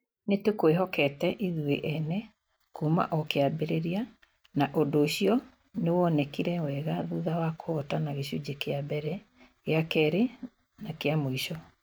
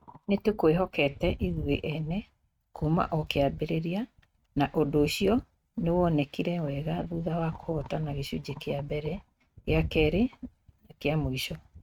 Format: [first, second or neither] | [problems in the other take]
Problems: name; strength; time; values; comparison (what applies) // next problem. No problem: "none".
first | noise reduction (neural mask model RNNoise)